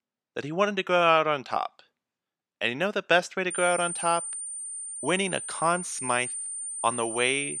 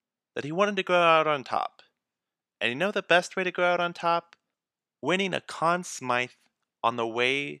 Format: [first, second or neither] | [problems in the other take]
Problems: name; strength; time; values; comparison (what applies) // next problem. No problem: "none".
second | high-pitched whine; loud; from 3.5 s on; 9 kHz, 6 dB below the speech